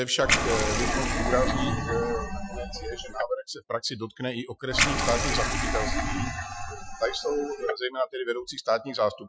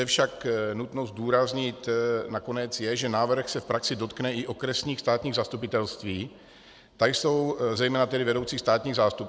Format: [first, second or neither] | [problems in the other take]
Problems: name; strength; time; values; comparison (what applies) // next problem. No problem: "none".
second | noise reduction (classical method Wiener filter)